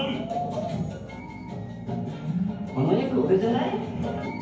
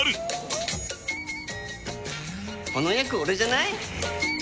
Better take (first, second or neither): second